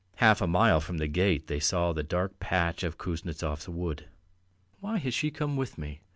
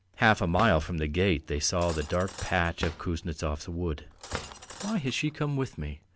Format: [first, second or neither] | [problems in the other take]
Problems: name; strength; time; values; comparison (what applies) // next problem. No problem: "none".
first | background sound (Drawer open or close + Cutlery, silverware); 14 dB below the speech